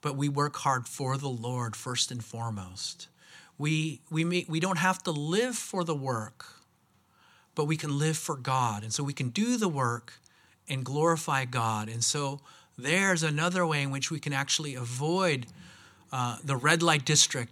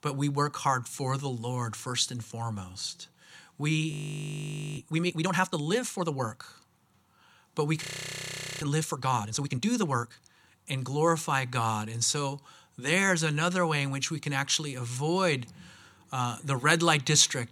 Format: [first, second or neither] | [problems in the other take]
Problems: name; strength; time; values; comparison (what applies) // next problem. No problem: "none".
first | audio freezing; at 4 s for 1 s and at 8 s for 1 s